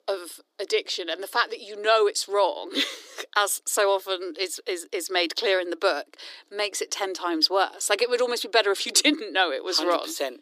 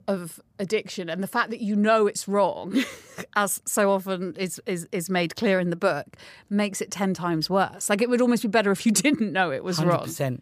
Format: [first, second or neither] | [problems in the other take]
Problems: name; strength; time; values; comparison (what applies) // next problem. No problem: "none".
second | thin; somewhat; fading below 300 Hz